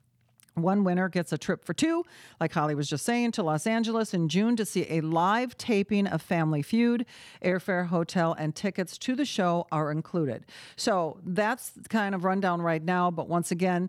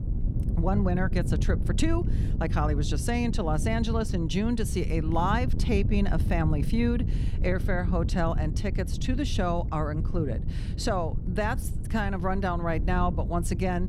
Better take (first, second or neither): first